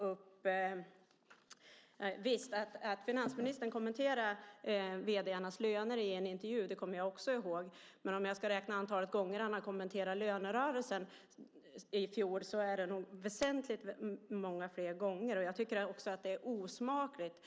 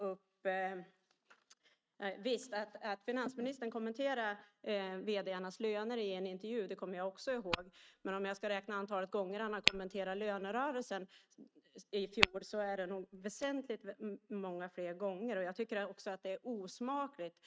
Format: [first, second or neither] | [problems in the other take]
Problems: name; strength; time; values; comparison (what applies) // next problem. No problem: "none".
first | noise reduction (neural mask model RNNoise)